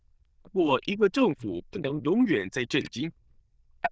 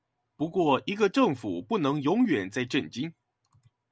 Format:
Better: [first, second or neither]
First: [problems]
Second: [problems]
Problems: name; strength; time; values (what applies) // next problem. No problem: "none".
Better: second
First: noise reduction (neural diffusion model UNIVERSE++)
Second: none